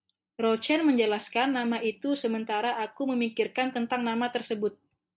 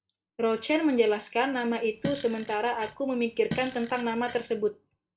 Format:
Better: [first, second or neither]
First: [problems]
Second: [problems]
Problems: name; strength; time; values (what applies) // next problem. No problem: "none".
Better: first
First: none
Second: background sound (Fart); 13 dB below the speech // room echo; dies away in 0.2 s